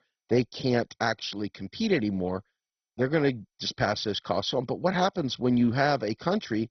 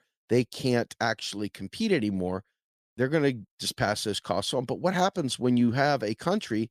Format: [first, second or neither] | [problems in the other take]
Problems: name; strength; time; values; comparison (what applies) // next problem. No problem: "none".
second | garbled, watery; badly; nothing above 6 kHz